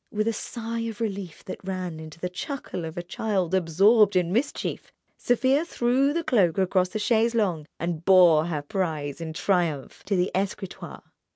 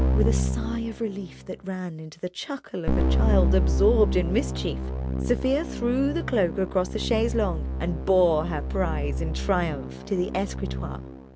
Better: first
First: none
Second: background sound (Keyboard (musical)); as loud as the speech

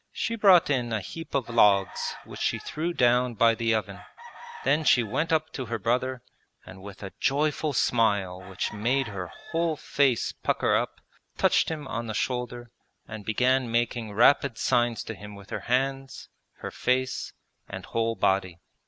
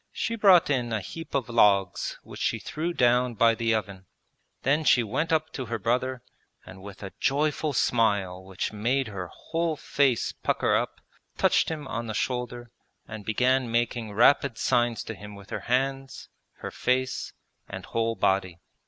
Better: second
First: background sound (Chicken, rooster); 18 dB below the speech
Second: none

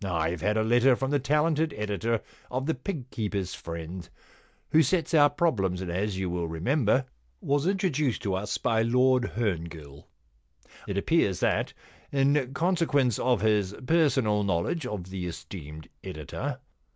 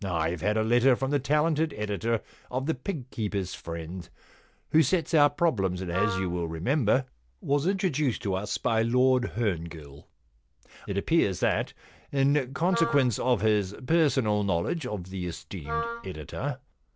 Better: first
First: none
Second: background sound (Wind instrument, woodwind instrument); 8 dB below the speech

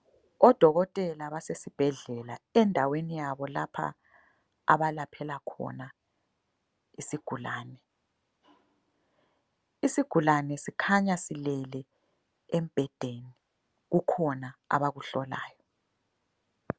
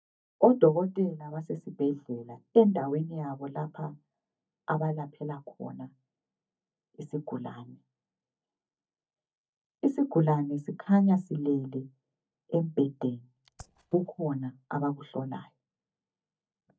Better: first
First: none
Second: noise reduction (neural mask model DeepFilterNet 3)

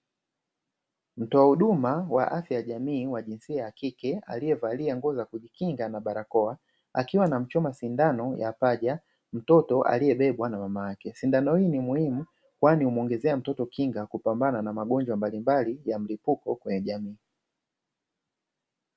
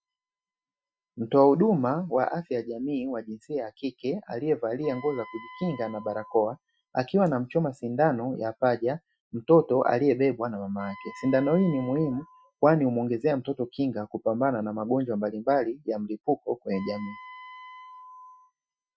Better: first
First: none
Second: noise reduction (classical method Wiener filter)

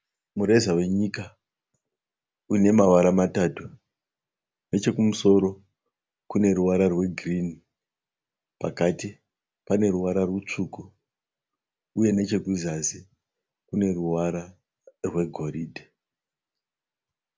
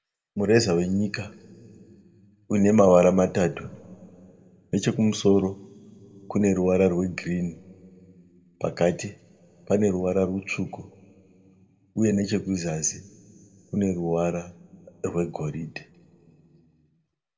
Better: first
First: none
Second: room echo; dies away in 2.1 s

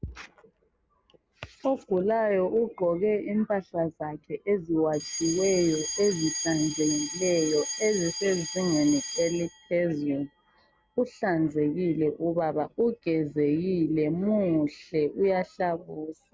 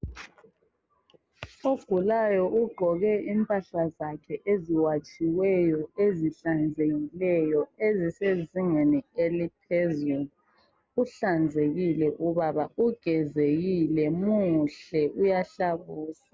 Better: second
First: background sound (Alarm); 13 dB below the speech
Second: none

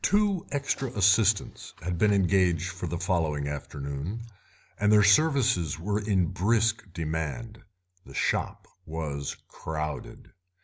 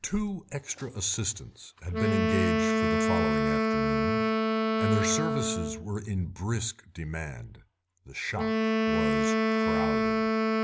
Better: first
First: none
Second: background sound (Wind instrument, woodwind instrument); 5 dB above the speech

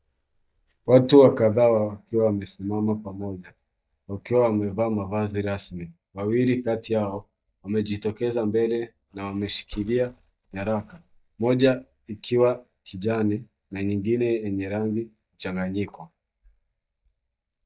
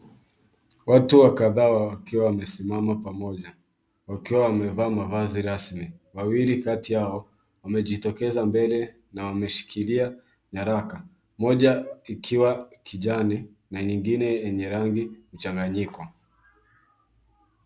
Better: second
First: noise reduction (neural mask model DeepFilterNet 3)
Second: none

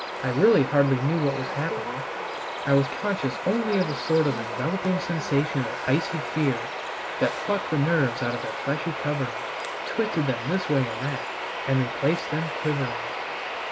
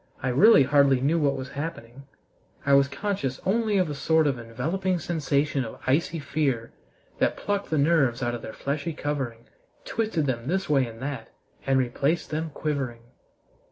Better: second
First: background sound (Bird vocalization, bird call, bird song); 5 dB below the speech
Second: none

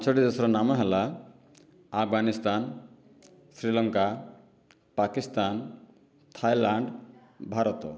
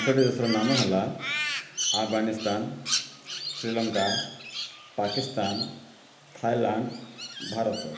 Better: first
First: none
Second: background sound (Crow); 5 dB below the speech // room echo; dies away in 1 s

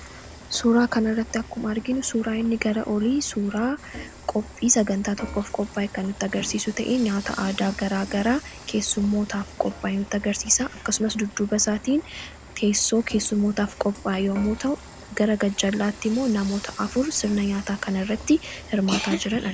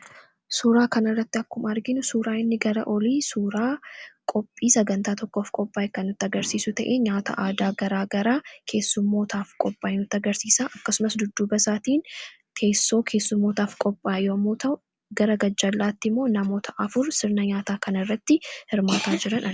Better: second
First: background sound (Frying (food) / Dishes, pots, and pans); 16 dB below the speech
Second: none

